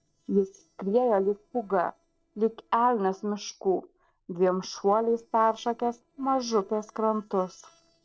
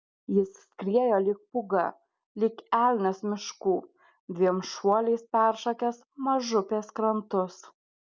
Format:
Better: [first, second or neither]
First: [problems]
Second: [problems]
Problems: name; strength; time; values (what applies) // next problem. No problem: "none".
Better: second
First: noise reduction (neural separator model SepFormer DNS4)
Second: none